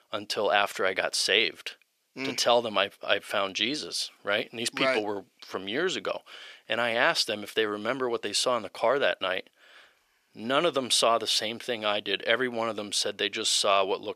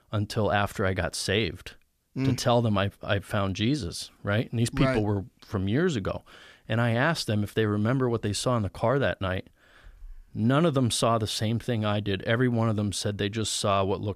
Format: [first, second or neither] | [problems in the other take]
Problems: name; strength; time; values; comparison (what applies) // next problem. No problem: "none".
second | thin; very; fading below 500 Hz